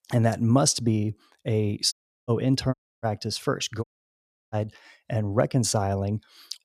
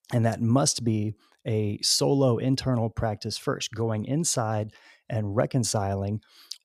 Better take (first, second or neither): second